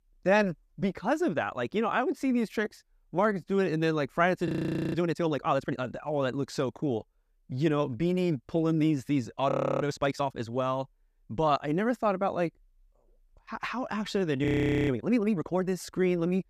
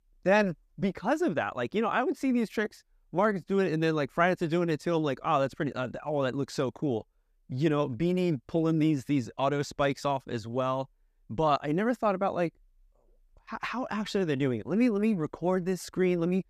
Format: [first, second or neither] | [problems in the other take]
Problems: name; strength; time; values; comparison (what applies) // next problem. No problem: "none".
second | audio freezing; at 4.5 s, at 9.5 s and at 14 s